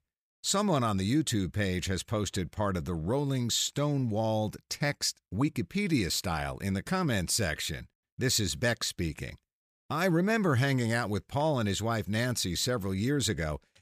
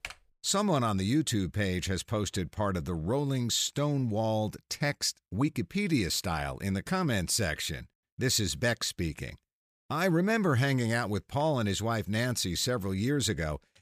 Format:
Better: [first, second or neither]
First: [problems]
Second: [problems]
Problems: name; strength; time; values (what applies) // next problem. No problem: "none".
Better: first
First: none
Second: keyboard typing; faint; at the start; peak 15 dB below the speech